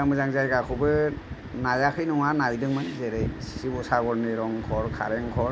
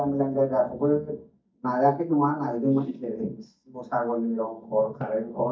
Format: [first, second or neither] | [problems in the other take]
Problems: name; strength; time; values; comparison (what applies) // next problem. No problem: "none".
first | noise reduction (neural mask model DeepFilterNet 3)